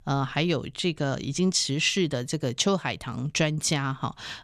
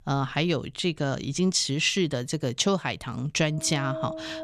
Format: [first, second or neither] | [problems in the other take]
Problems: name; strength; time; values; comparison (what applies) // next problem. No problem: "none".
first | background music; noticeable; throughout; 10 dB below the speech